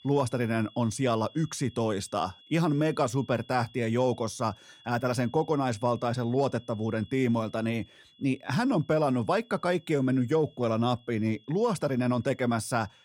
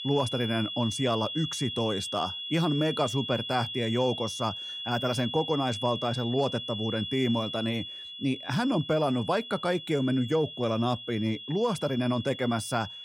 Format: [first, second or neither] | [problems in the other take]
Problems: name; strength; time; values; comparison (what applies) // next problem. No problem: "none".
first | high-pitched whine; loud; throughout; 3.5 kHz, 6 dB below the speech; faint in the first